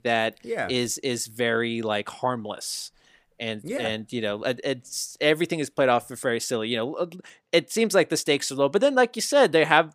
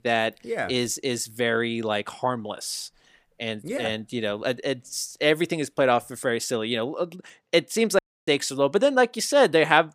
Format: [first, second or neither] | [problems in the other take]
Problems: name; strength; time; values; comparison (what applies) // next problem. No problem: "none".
first | audio cutting out; at 8 s